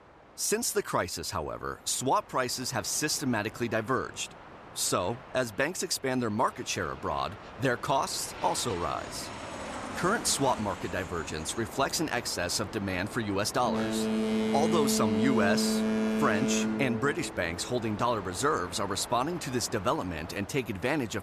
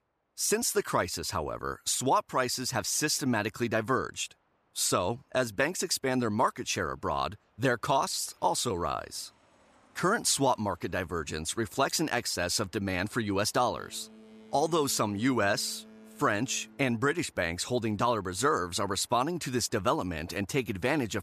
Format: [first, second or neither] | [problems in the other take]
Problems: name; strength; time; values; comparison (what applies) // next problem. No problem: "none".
second | train or aircraft noise; loud; throughout; 4 dB below the speech; faint in the second